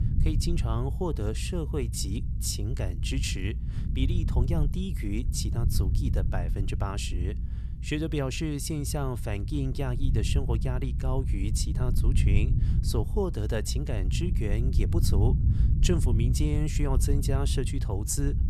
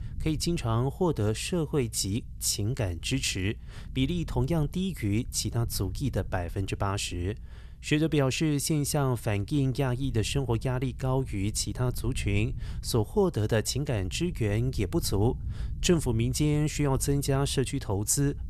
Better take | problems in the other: second | low rumble; loud; throughout; 9 dB below the speech; faint in the second

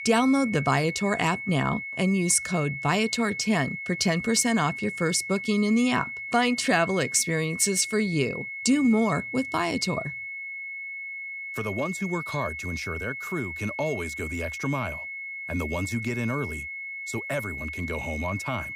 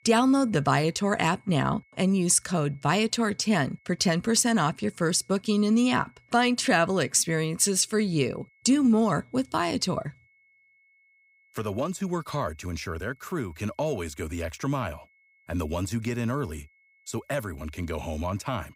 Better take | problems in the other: second | high-pitched whine; loud; throughout; 2 kHz, 7 dB below the speech; faint in the second

